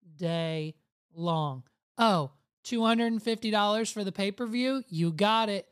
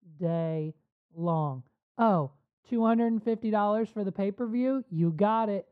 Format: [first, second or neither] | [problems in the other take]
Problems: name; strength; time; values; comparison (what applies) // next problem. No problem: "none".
first | muffled; very; fading above 2.5 kHz